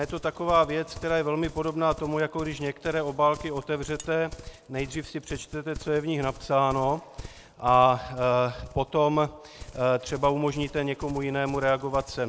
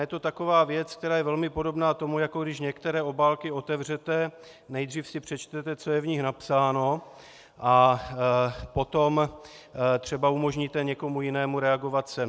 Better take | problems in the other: second | background sound (Livestock, farm animals, working animals); 17 dB below the speech

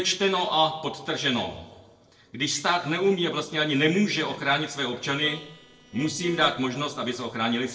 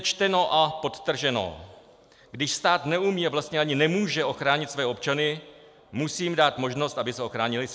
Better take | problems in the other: second | noise reduction (neural separator model SepFormer DNS4)

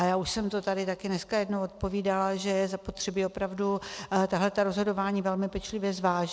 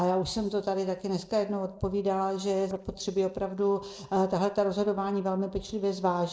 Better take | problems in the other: first | noise reduction (neural separator model SepFormer DNS4)

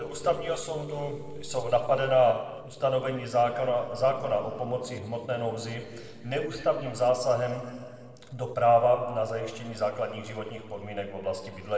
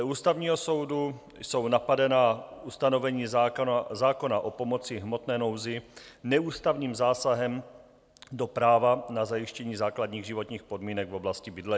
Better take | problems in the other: second | noise reduction (neural separator model SepFormer DNS4)

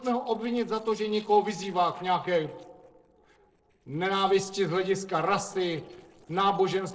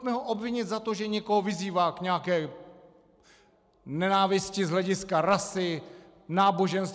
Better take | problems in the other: second | noise reduction (neural separator model SepFormer DNS4)

